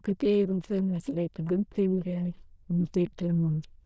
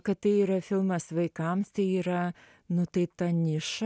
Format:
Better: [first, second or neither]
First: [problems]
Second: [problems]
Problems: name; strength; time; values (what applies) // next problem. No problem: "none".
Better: second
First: noise reduction (neural diffusion model UNIVERSE++)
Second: none